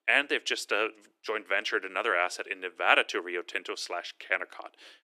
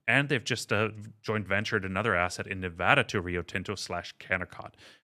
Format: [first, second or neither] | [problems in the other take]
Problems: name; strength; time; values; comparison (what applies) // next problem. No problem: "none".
second | thin; very; fading below 300 Hz